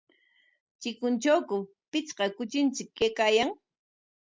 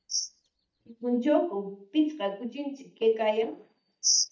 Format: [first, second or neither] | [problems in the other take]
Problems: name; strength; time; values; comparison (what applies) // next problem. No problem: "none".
first | noise reduction (neural mask model DeepFilterNet 3)